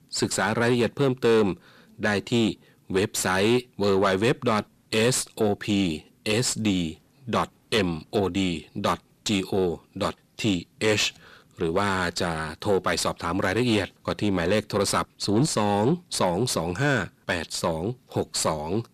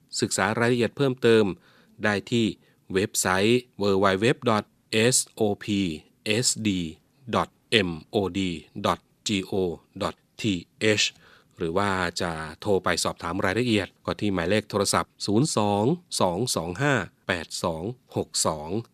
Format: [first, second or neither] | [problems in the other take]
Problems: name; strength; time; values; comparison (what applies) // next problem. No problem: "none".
second | distortion; slight; 10 dB below the speech